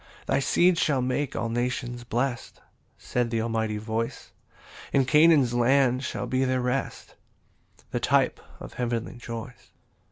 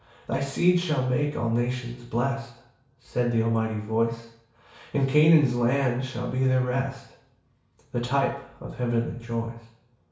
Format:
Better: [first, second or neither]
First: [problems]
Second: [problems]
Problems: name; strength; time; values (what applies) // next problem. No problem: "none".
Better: first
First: none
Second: room echo; dies away in 0.6 s